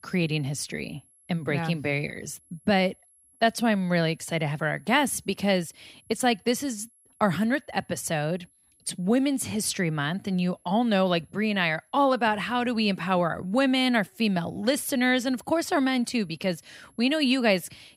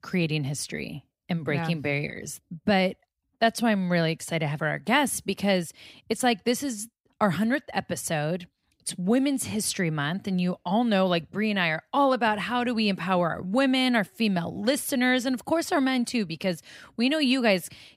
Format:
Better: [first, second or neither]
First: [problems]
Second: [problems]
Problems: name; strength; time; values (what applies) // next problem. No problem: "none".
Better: second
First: high-pitched whine; faint; throughout; 11 kHz, 35 dB below the speech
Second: none